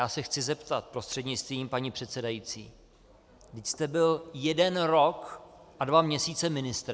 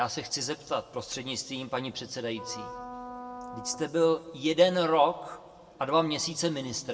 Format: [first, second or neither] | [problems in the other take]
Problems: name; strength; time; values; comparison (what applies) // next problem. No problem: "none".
first | background sound (Wind instrument, woodwind instrument); 14 dB below the speech // room echo; dies away in 1 s